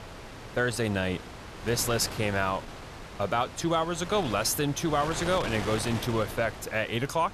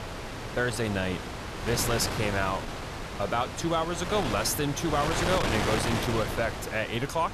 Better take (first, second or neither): first